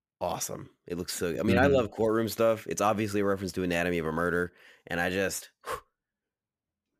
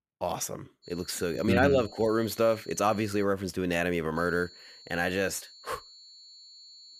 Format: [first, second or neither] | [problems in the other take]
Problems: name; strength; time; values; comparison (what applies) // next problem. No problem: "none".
first | high-pitched whine; faint; from 1 to 3 s and from 4 s on; 4.5 kHz, 20 dB below the speech